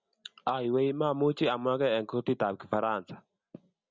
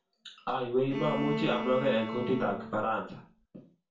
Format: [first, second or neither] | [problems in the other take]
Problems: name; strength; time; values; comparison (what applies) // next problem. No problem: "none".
first | background sound (Bowed string instrument); 6 dB below the speech // room echo; dies away in 0.3 s